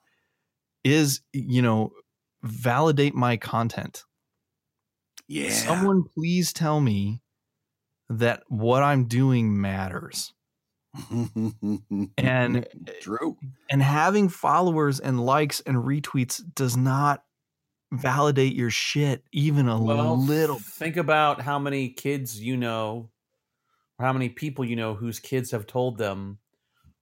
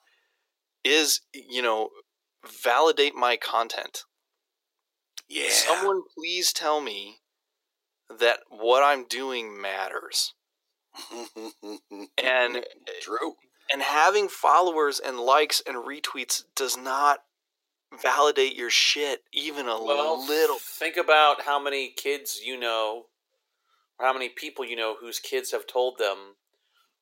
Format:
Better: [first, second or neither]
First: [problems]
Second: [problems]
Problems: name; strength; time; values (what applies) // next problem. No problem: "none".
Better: first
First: none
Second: thin; very; fading below 400 Hz